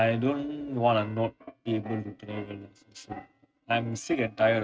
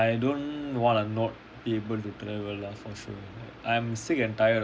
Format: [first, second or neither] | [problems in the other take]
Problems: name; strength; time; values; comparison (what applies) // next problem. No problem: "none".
second | noise reduction (neural mask model RNNoise)